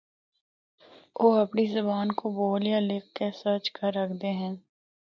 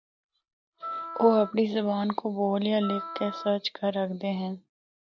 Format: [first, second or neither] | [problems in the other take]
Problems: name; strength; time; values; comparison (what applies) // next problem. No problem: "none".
first | background sound (Wind instrument, woodwind instrument); 13 dB below the speech